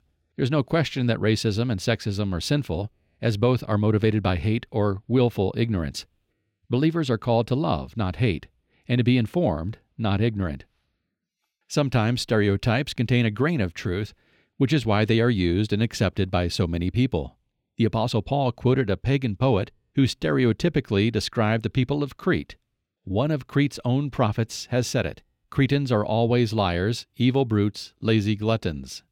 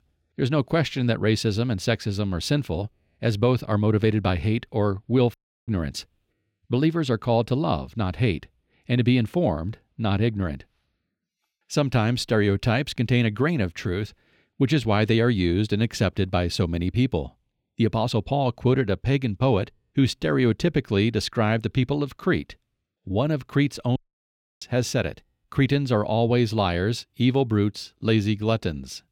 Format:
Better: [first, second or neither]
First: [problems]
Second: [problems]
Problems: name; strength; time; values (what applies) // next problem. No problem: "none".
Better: first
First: none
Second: audio cutting out; at 5.5 s and at 24 s for 0.5 s